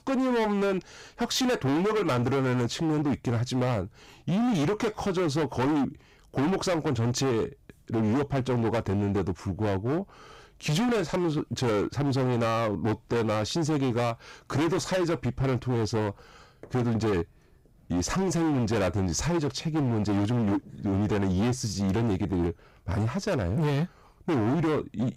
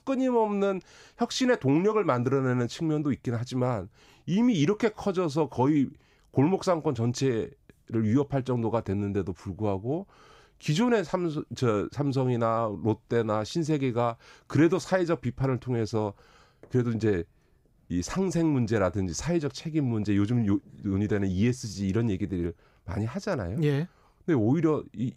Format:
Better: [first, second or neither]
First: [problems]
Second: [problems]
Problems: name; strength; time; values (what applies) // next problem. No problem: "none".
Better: second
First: distortion; heavy; 27% of the sound clipped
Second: none